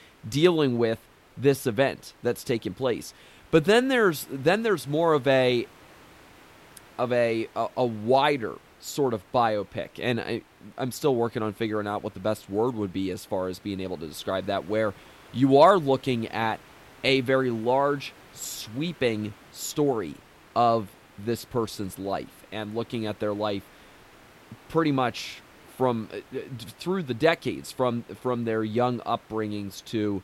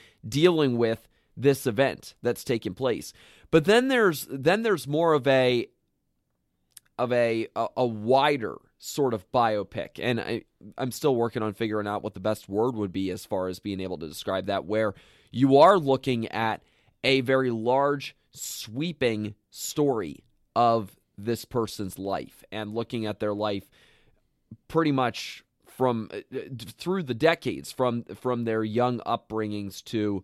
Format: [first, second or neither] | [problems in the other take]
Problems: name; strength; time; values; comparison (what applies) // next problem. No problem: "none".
second | hiss; faint; throughout; 25 dB below the speech